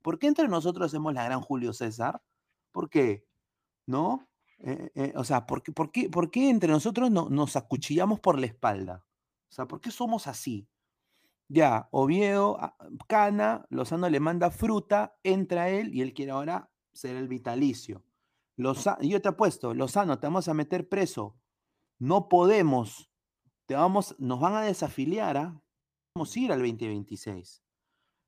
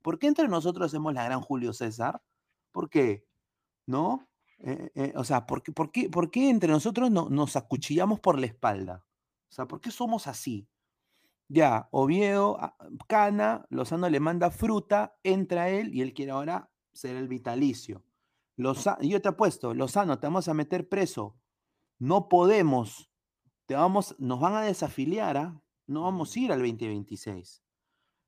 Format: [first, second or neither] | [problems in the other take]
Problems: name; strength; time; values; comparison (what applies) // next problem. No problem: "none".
second | audio freezing; at 26 s